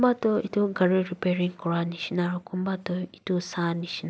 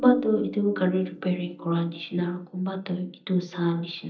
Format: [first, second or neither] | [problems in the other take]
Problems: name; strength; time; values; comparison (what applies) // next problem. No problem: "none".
first | noise reduction (neural mask model DeepFilterNet 3)